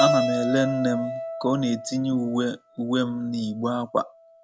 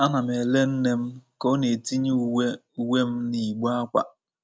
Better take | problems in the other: second | background sound (Keyboard (musical)); 4 dB below the speech

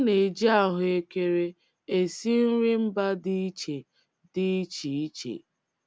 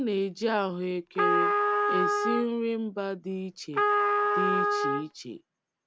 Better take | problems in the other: first | background sound (Trumpet); 5 dB above the speech

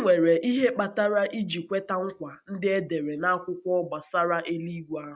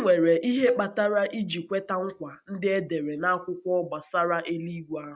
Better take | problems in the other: first | background sound (Cowbell); 10 dB below the speech

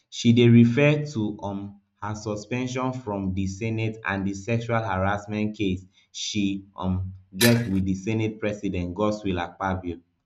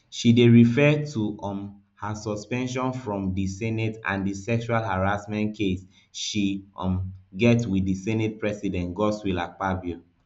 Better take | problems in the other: second | noise reduction (neural mask model RNNoise)

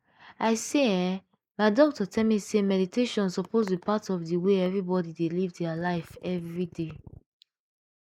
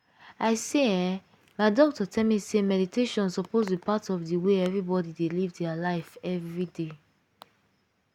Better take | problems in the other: second | noise reduction (neural mask model Resemble Enhance denoiser)

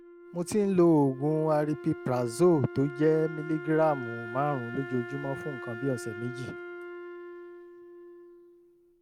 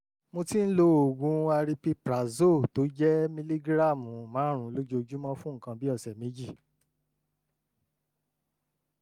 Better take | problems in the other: second | background sound (Wind instrument, woodwind instrument); 13 dB below the speech

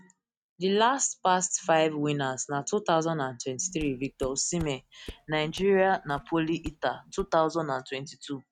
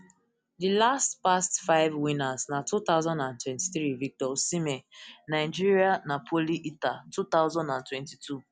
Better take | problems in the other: second | noise reduction (neural mask model RNNoise)

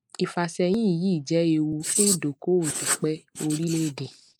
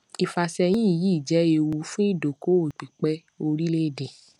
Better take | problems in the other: second | noise reduction (neural mask model Resemble Enhance denoiser)

